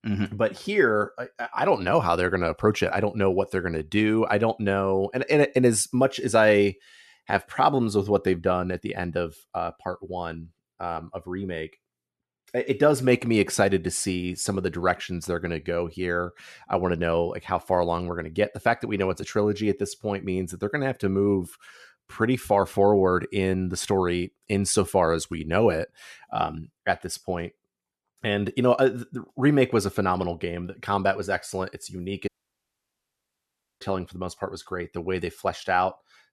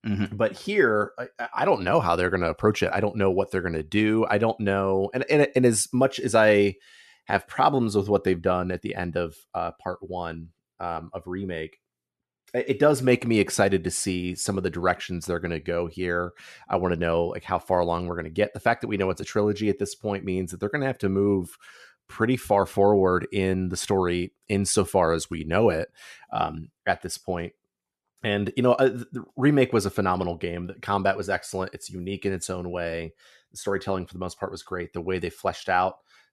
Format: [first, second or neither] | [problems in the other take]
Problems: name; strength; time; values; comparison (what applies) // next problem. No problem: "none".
second | audio cutting out; at 32 s for 1.5 s